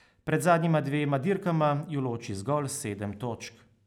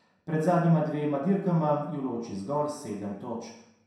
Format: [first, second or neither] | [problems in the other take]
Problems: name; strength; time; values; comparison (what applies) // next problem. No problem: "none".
first | room echo; dies away in 0.7 s